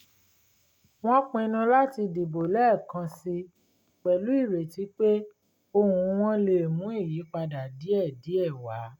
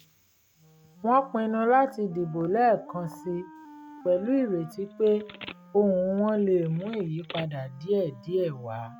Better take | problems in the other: first | background sound (Wind instrument, woodwind instrument + Telephone); 20 dB below the speech

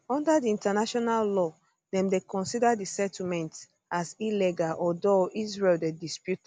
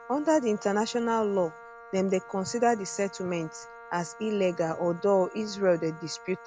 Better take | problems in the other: first | background sound (Wind instrument, woodwind instrument); 18 dB below the speech

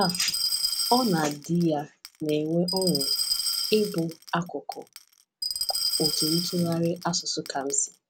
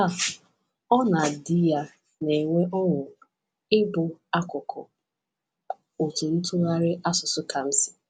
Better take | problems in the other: second | background sound (Glass); 3 dB below the speech

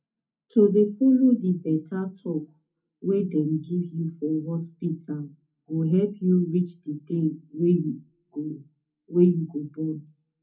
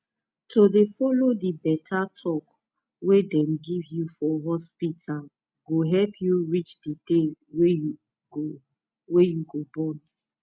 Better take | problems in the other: second | room echo; dies away in 0.3 s

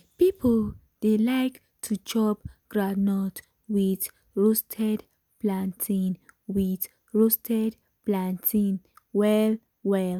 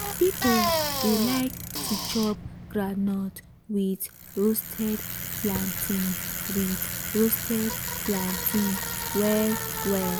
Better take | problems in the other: first | background sound (Bicycle); 4 dB below the speech

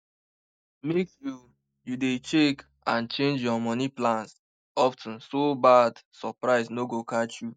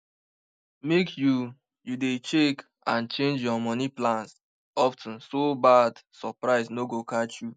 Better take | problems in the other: second | noise reduction (neural mask model DeepFilterNet 3)

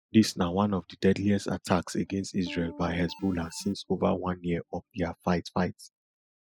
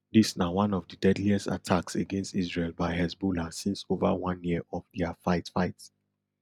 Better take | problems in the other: second | noise reduction (classical method spectral subtraction)

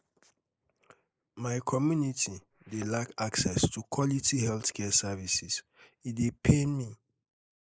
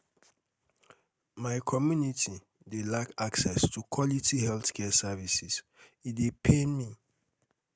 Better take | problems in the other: second | noise reduction (neural mask model Resemble Enhance denoiser)

